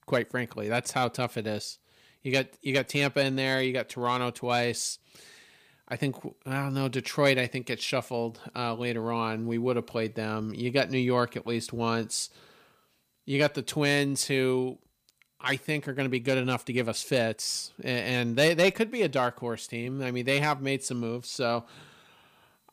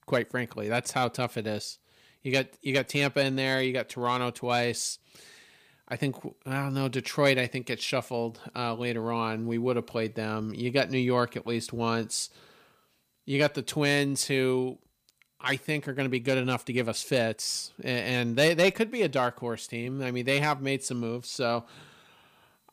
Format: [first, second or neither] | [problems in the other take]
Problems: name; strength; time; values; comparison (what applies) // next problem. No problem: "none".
neither | none